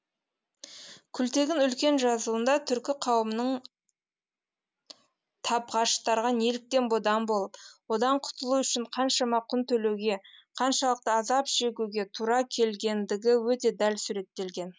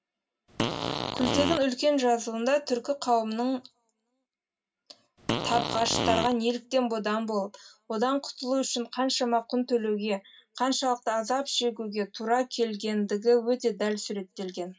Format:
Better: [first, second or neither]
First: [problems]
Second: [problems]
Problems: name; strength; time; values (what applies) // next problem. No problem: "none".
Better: first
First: none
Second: background sound (Fart); 2 dB below the speech // room echo; dies away in 0.4 s